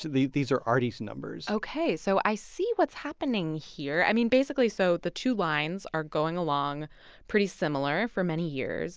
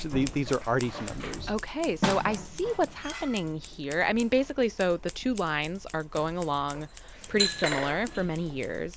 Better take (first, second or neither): first